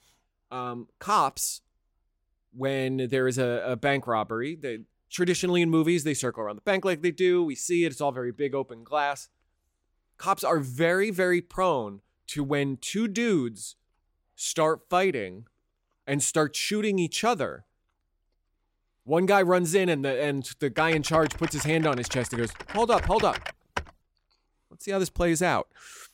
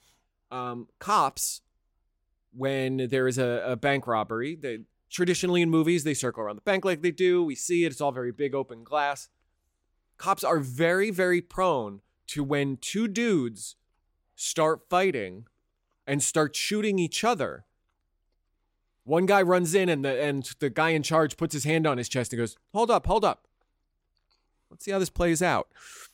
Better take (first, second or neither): second